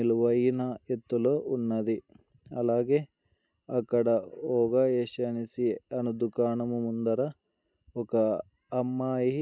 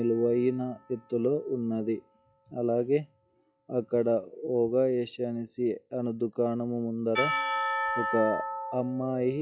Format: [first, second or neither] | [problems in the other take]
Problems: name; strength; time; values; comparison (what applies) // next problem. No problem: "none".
first | noise reduction (classical method log-MMSE)